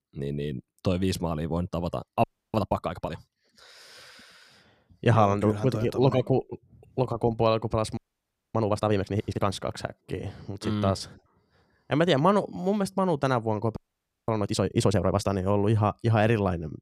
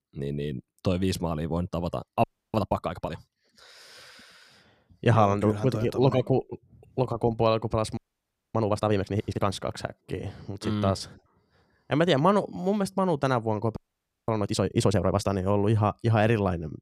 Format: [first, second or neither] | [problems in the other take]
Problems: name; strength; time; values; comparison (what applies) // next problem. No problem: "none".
neither | audio freezing; at 2 s, at 8 s for 0.5 s and at 14 s for 0.5 s; the same in both